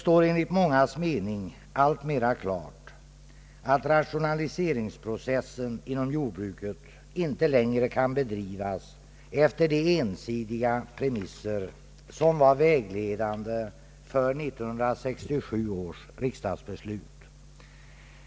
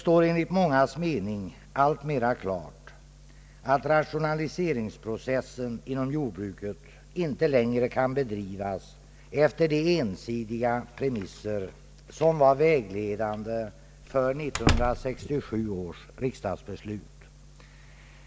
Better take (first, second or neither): first